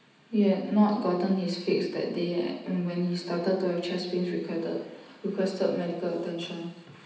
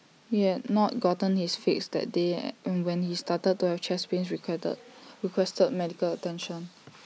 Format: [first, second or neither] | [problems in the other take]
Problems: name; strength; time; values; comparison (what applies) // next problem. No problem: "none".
second | room echo; dies away in 0.9 s